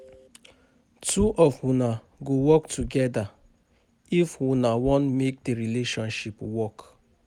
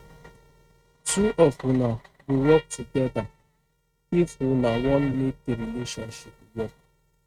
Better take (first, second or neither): first